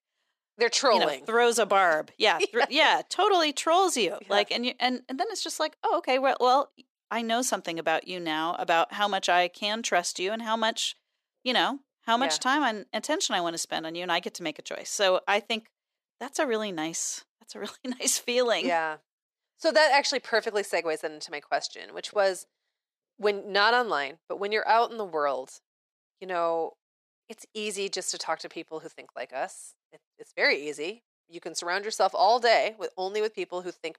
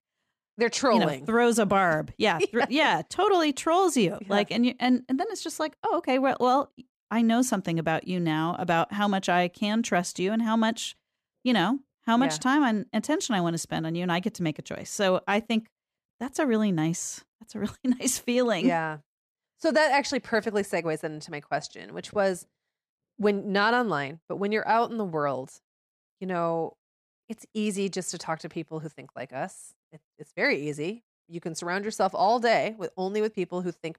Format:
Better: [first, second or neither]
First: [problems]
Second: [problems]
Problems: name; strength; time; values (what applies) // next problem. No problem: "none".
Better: second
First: thin; somewhat; fading below 500 Hz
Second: none